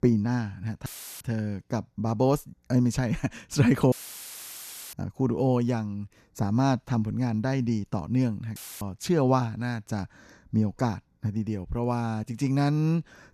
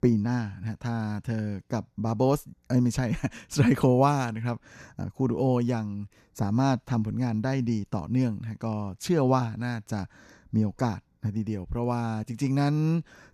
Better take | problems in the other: second | audio cutting out; filled with static; at 1 s, at 4 s for 1 s and at 8.5 s

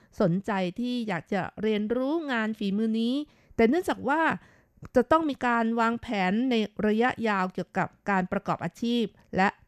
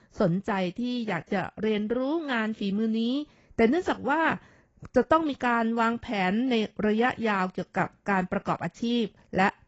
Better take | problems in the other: first | garbled, watery; badly; nothing above 8 kHz

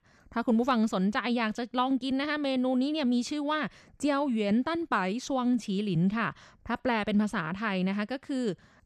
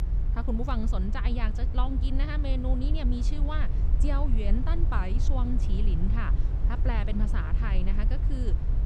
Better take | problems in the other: first | low rumble; loud; throughout; 8 dB below the speech

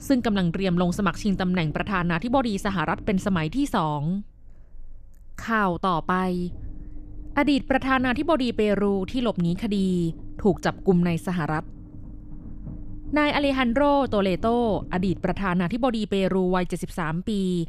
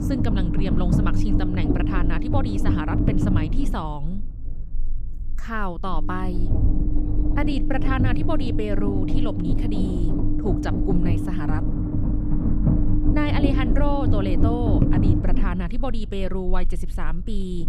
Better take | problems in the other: first | low rumble; loud; throughout; as loud as the speech; faint in the first

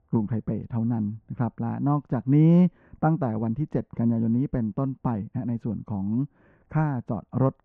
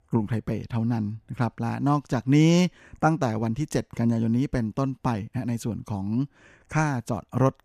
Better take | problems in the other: second | muffled; very; fading above 1 kHz

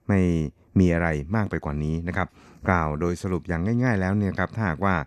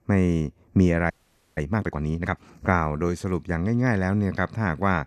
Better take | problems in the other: first | audio freezing; at 1 s

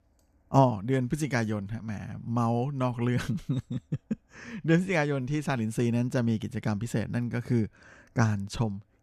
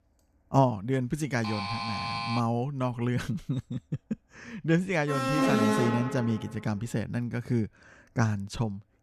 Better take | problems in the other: first | alarm; noticeable; at 1.5 s; peak 2 dB below the speech // alarm; loud; from 5 to 6.5 s; peak 6 dB above the speech

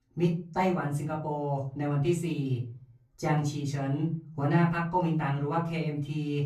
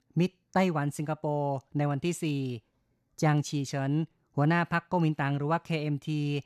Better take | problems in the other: second | off-mic speech; far // room echo; slight; dies away in 0.4 s

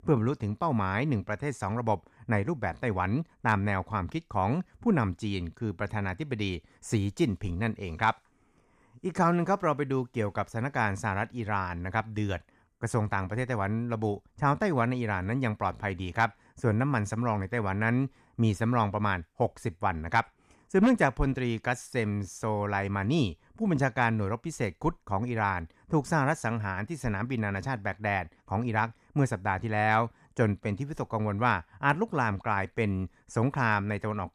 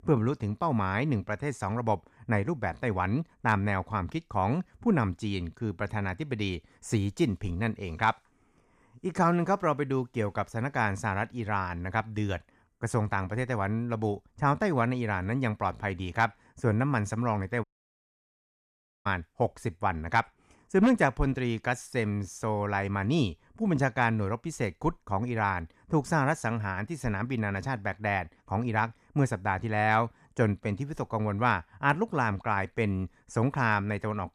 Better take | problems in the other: first | audio cutting out; at 18 s for 1.5 s

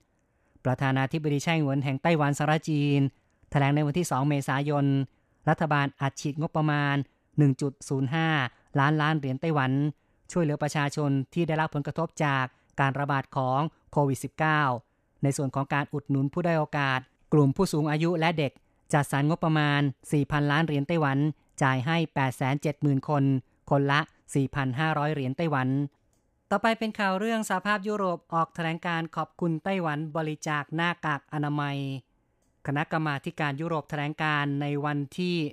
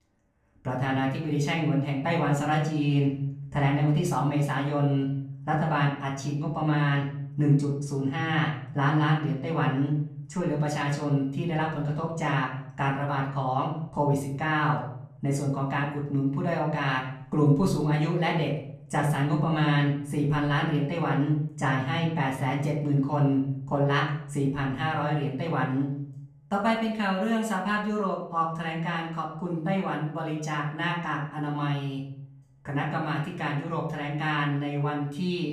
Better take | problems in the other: first | room echo; slight; dies away in 0.6 s // off-mic speech; far

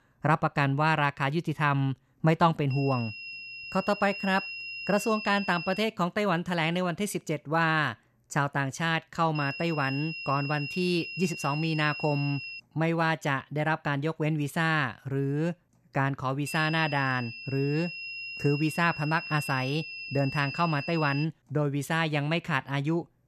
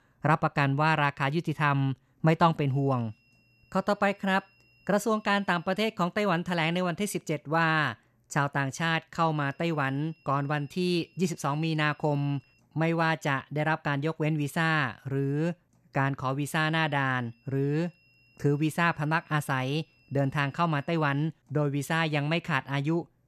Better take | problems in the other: second | high-pitched whine; loud; from 2.5 to 6 s, from 9.5 to 13 s and from 16 to 21 s; 2.5 kHz, 8 dB below the speech; faint in the second

